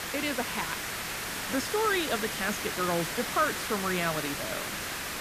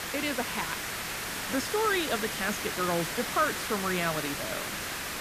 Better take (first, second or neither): neither